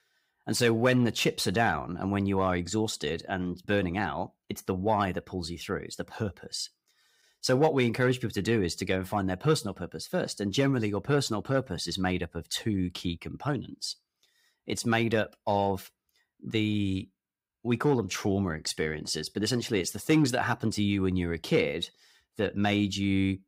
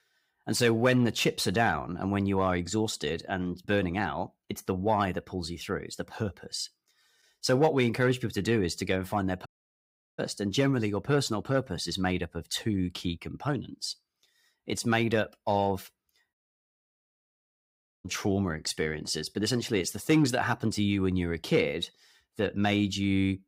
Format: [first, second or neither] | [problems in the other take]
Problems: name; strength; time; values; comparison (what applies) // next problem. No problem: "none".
first | audio cutting out; at 9.5 s for 0.5 s and at 16 s for 1.5 s